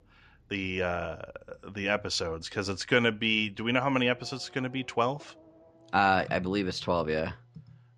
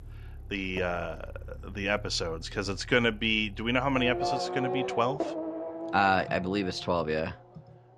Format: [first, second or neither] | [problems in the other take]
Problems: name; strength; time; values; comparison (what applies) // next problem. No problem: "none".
first | traffic noise; loud; throughout; 9 dB below the speech; faint in the first